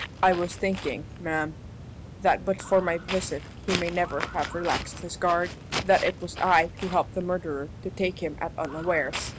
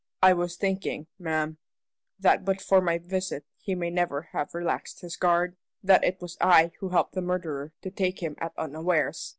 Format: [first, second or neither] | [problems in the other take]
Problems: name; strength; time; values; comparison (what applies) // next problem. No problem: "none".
second | background sound (Walk, footsteps); 10 dB below the speech